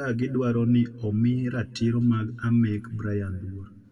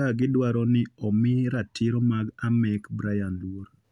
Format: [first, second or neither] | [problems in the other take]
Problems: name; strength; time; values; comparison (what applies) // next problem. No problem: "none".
second | room echo; dies away in 1.7 s